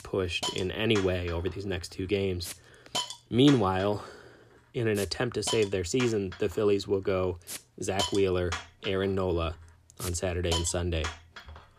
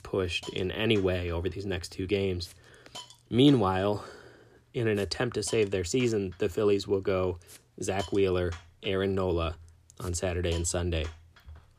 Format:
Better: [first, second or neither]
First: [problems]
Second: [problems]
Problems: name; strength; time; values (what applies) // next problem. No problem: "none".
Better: second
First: hiss; loud; throughout; 9 dB below the speech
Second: hiss; faint; throughout; 20 dB below the speech